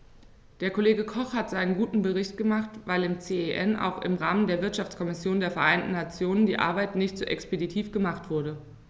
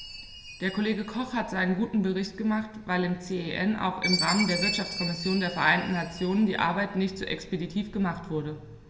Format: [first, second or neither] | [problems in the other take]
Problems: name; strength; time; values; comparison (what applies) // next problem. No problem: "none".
first | background sound (Chime); 10 dB below the speech // room echo; dies away in 1.8 s